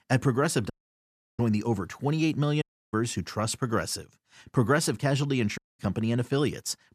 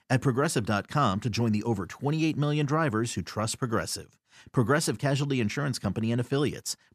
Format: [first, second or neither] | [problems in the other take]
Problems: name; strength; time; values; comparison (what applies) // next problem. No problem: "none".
second | audio cutting out; at 0.5 s for 0.5 s, at 2.5 s and at 5.5 s